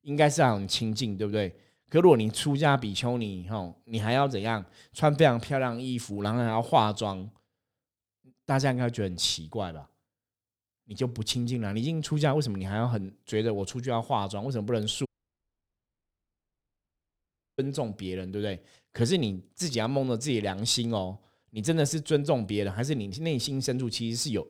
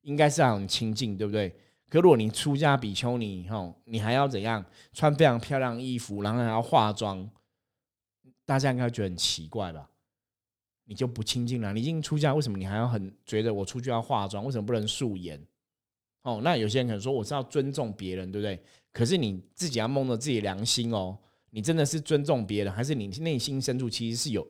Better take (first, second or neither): second